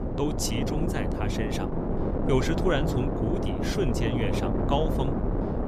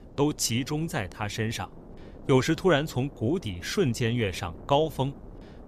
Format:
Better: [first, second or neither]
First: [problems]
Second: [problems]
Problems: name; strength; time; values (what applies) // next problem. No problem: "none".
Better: second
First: wind noise on the microphone; heavy; 1 dB below the speech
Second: wind noise on the microphone; occasional gusts; 20 dB below the speech